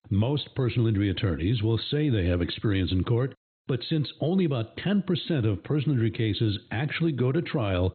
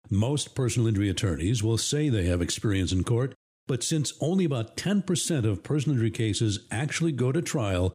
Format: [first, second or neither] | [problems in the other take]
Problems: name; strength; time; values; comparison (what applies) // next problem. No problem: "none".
second | garbled, watery; badly; nothing above 4 kHz